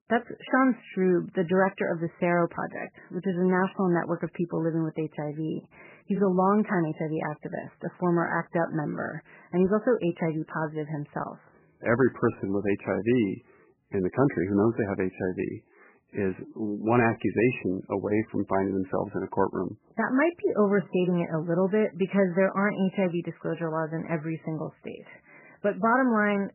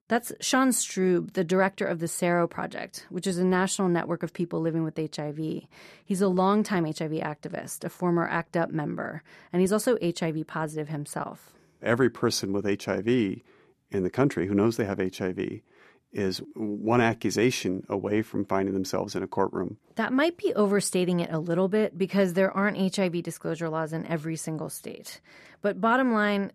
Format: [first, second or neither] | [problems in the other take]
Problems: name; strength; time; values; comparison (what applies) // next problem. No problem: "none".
second | garbled, watery; badly; nothing above 3 kHz